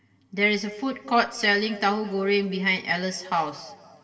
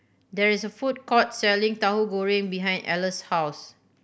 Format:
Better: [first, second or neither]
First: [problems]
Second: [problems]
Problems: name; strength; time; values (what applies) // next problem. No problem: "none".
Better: second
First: room echo; dies away in 2 s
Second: none